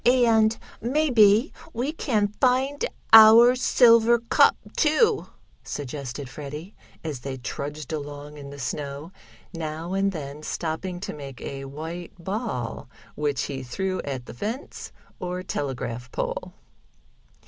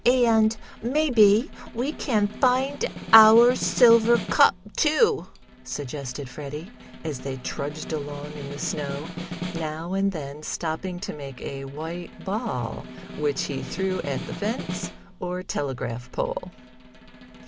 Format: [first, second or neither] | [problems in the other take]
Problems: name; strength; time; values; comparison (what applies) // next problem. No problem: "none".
first | background sound (Snare drum); 13 dB below the speech